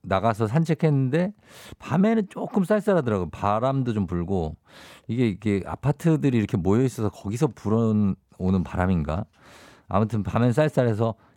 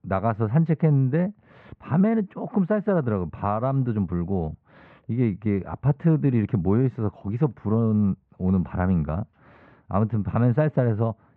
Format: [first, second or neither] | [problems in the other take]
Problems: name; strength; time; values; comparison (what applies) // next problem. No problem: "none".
first | muffled; very; fading above 2 kHz